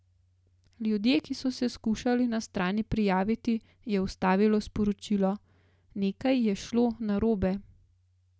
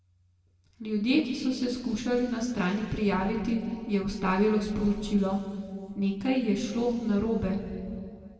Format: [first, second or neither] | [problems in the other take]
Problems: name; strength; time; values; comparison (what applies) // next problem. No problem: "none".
first | room echo; dies away in 2.1 s